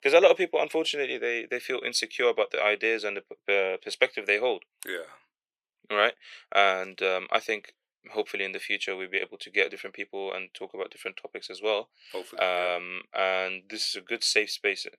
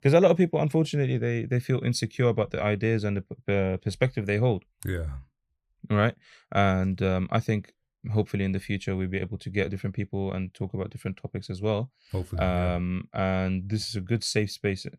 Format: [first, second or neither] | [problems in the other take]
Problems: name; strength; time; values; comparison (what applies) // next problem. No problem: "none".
second | thin; very; fading below 400 Hz